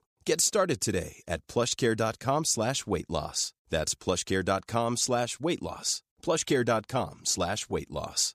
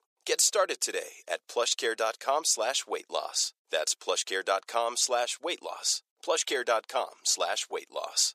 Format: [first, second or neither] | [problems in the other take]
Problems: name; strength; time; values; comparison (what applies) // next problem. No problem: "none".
first | thin; very; fading below 450 Hz